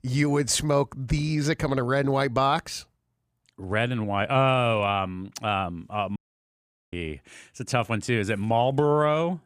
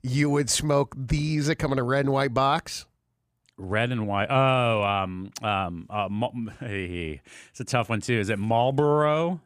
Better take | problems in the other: second | audio cutting out; at 6 s for 1 s

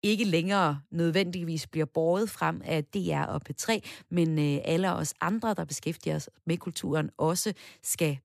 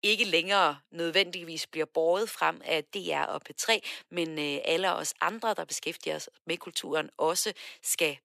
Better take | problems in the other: first | thin; very; fading below 500 Hz

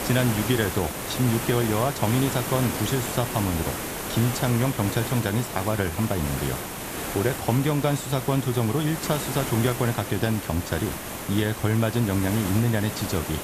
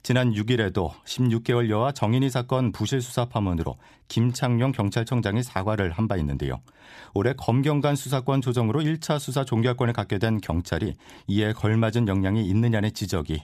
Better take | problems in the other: second | hiss; loud; throughout; 5 dB below the speech

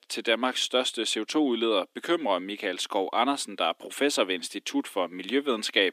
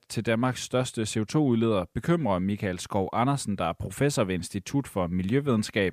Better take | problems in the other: second | thin; somewhat; fading below 300 Hz

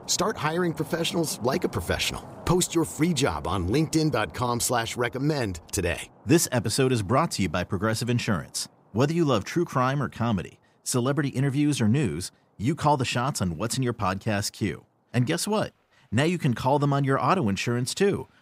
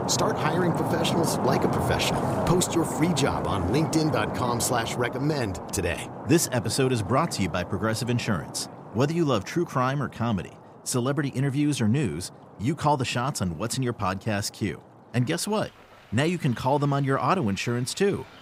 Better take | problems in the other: first | rain or running water; loud; throughout; 4 dB below the speech; faint in the first

